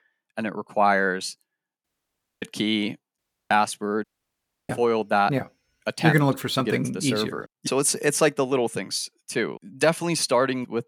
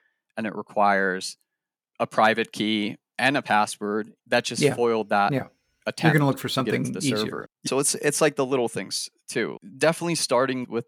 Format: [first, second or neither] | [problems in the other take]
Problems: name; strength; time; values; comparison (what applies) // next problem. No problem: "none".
second | audio cutting out; at 2 s for 0.5 s, at 3 s and at 4 s for 0.5 s